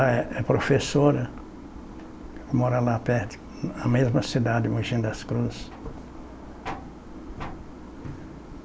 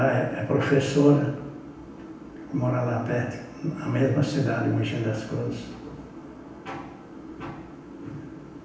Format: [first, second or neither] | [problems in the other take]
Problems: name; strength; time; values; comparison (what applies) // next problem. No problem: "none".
first | room echo; dies away in 0.9 s